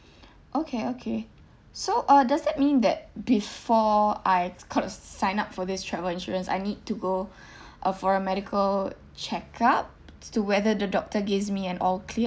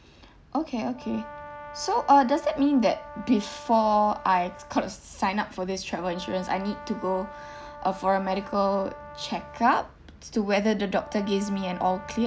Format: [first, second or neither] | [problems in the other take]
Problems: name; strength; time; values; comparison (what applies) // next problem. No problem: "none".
first | background sound (Brass instrument); 17 dB below the speech